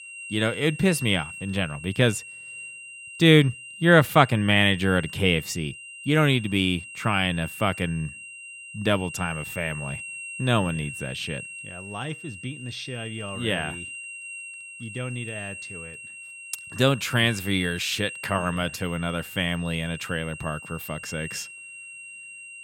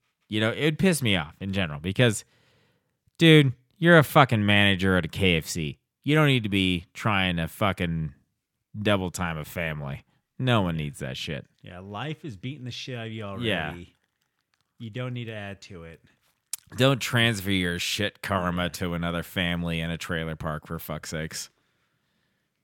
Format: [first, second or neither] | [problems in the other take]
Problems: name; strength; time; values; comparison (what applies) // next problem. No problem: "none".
second | high-pitched whine; noticeable; throughout; 2.5 kHz, 10 dB below the speech